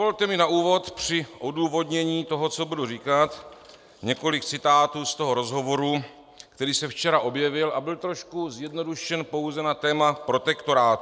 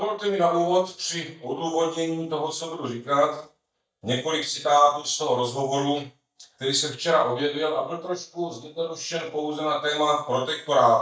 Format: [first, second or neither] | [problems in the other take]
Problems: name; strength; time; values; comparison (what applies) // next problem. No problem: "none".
first | noise reduction (neural mask model DeepFilterNet 3)